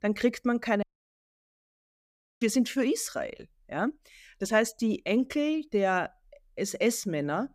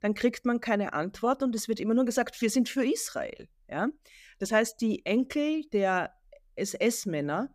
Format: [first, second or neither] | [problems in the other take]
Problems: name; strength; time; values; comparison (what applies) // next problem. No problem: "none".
second | audio cutting out; at 1 s for 1.5 s